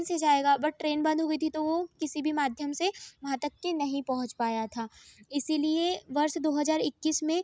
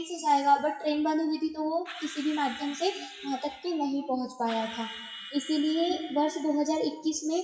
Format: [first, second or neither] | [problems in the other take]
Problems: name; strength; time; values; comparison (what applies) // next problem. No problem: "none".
first | noise reduction (classical method WPE with log-MMSE)